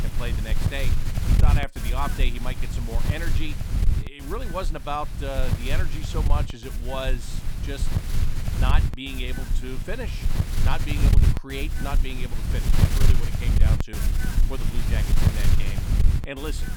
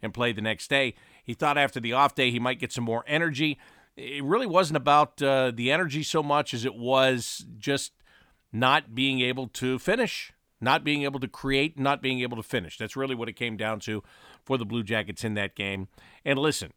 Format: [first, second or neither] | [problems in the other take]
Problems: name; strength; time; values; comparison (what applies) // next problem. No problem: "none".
second | wind noise on the microphone; heavy; 3 dB below the speech